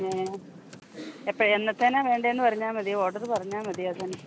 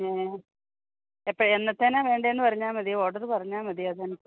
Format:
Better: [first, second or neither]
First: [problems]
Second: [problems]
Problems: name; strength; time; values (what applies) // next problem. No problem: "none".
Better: second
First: background sound (Computer keyboard); 17 dB below the speech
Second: none